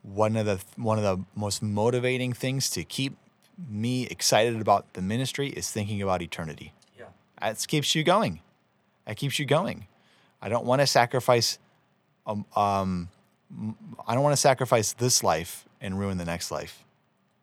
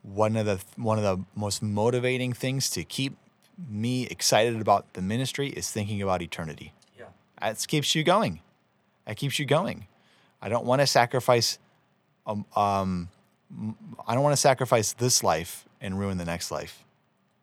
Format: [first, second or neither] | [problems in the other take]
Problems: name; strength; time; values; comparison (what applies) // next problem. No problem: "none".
neither | none